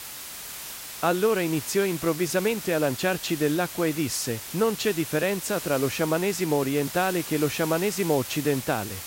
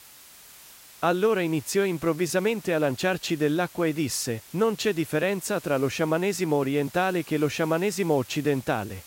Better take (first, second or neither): second